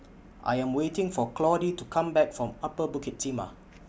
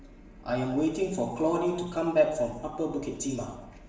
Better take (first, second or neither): first